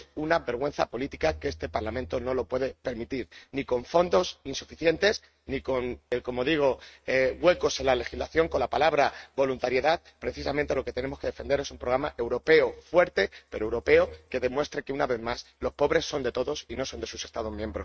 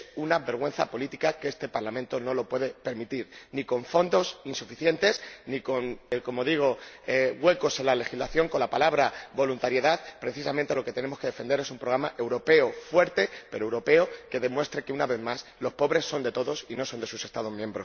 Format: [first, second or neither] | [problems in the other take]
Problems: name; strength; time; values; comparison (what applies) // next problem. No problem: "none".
second | noise reduction (neural mask model RNNoise)